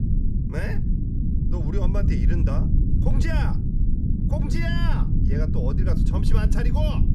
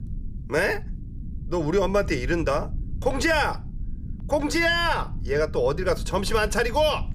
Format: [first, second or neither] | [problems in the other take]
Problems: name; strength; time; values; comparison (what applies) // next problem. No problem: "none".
second | low rumble; loud; throughout; 2 dB below the speech; faint in the second